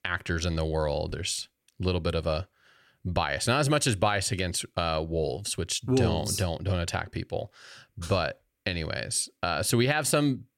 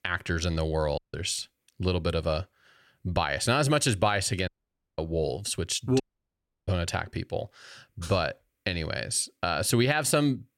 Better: first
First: none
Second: audio cutting out; at 1 s, at 4.5 s for 0.5 s and at 6 s for 0.5 s

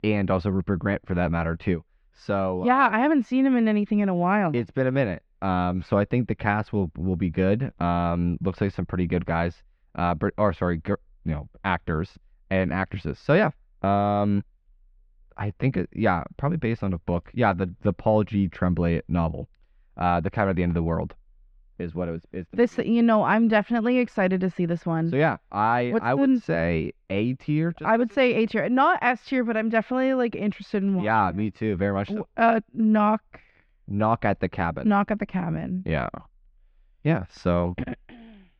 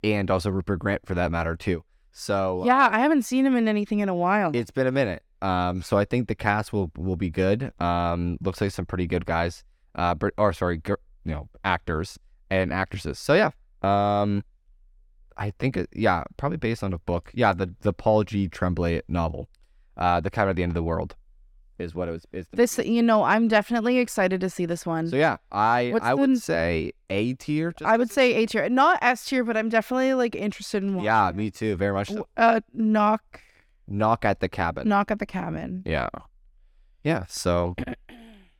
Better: second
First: muffled; slightly; fading above 3.5 kHz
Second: none

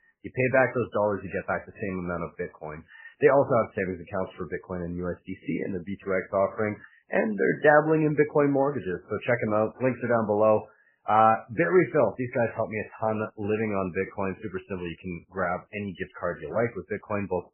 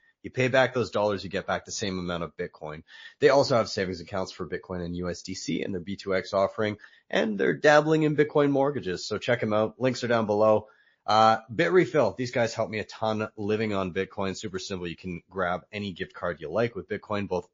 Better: second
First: garbled, watery; badly; nothing above 2.5 kHz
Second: garbled, watery; slightly; nothing above 7 kHz

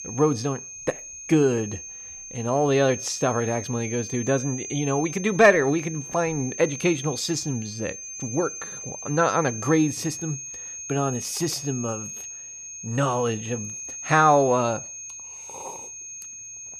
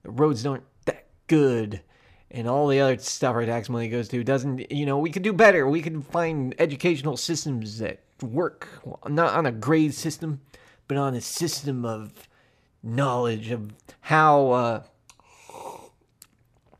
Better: second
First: high-pitched whine; loud; throughout; 6.5 kHz, 10 dB below the speech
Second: none

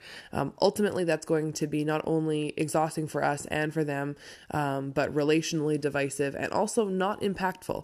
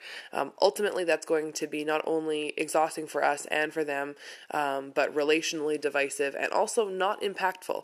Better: first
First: none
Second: thin; somewhat; fading below 500 Hz

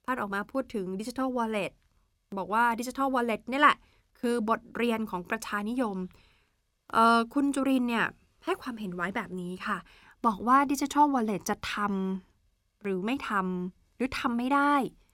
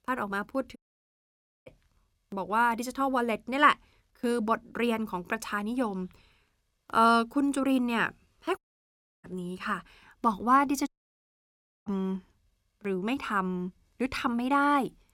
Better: first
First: none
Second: audio cutting out; at 1 s for 1 s, at 8.5 s for 0.5 s and at 11 s for 1 s

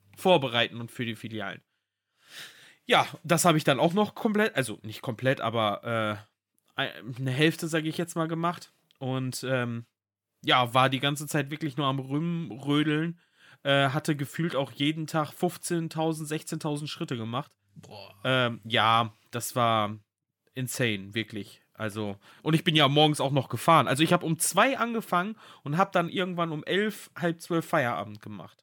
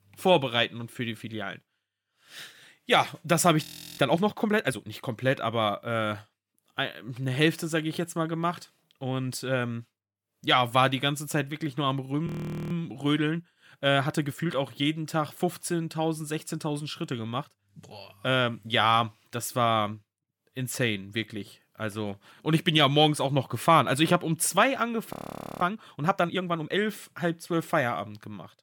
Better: first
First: none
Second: audio freezing; at 3.5 s, at 12 s and at 25 s

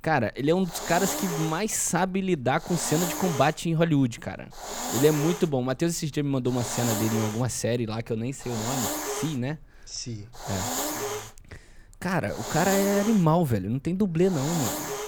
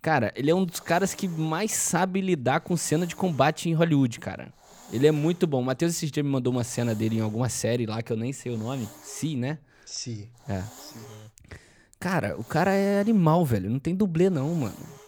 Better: second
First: hiss; loud; throughout; 5 dB below the speech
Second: hiss; faint; throughout; 25 dB below the speech

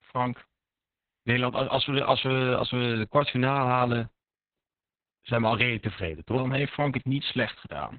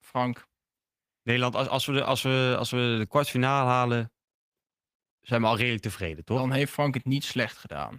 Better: second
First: garbled, watery; badly; nothing above 4 kHz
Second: garbled, watery; slightly; nothing above 15 kHz

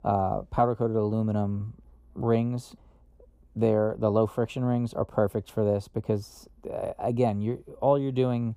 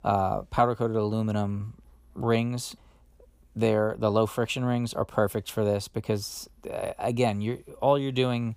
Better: second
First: muffled; slightly; fading above 1.5 kHz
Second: none

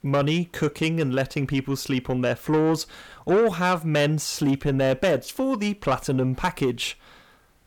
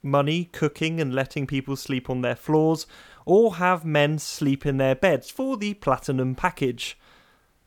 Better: second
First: distortion; slight; 10 dB below the speech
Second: none

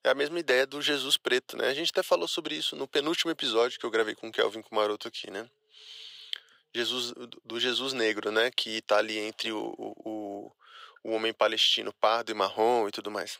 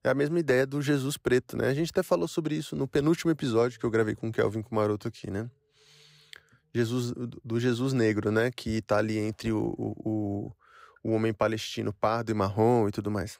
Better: second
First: thin; very; fading below 550 Hz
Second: none

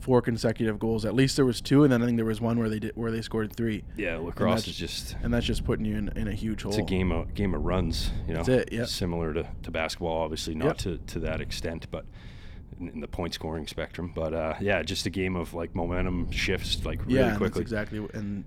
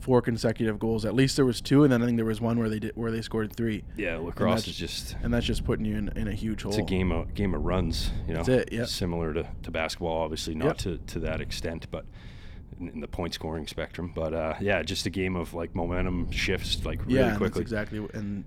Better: neither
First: wind noise on the microphone; occasional gusts; 25 dB below the speech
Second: wind noise on the microphone; occasional gusts; 25 dB below the speech

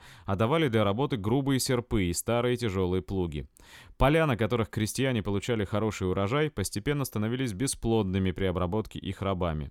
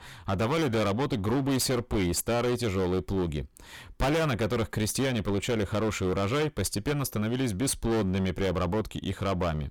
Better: first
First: none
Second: distortion; heavy; 21% of the sound clipped

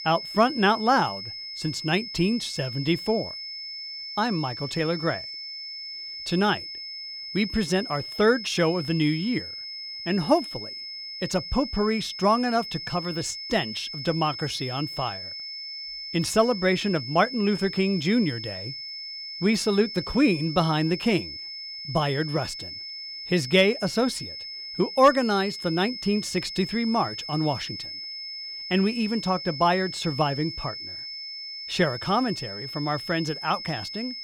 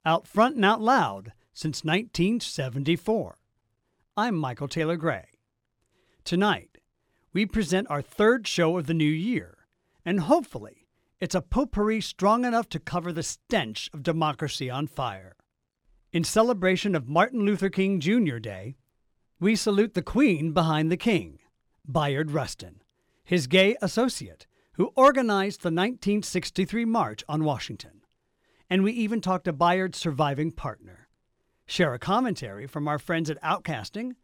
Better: second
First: high-pitched whine; loud; throughout; 5 kHz, 8 dB below the speech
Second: none

